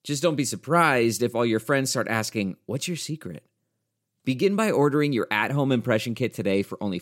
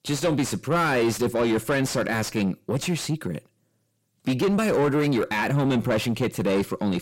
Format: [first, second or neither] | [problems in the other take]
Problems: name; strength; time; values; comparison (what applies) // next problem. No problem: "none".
first | distortion; heavy; 7 dB below the speech